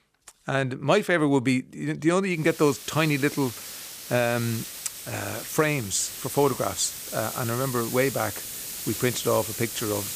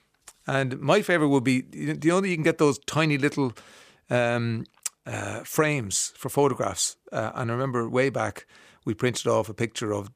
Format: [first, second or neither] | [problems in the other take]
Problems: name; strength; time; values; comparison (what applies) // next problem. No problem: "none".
second | hiss; loud; from 2.5 s on; 8 dB below the speech